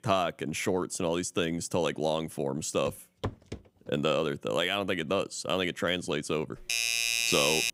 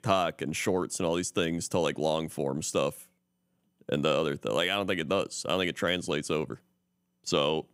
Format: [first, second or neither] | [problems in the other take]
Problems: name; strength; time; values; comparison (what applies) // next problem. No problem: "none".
second | footsteps; noticeable; at 3 s; peak 8 dB below the speech // doorbell; loud; from 6.5 s on; peak 5 dB above the speech